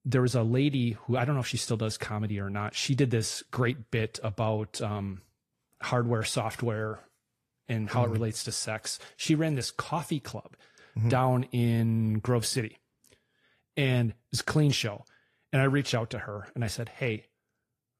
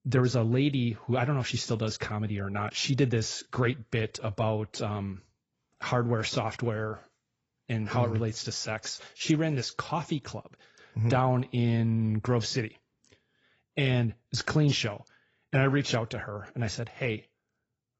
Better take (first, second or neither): first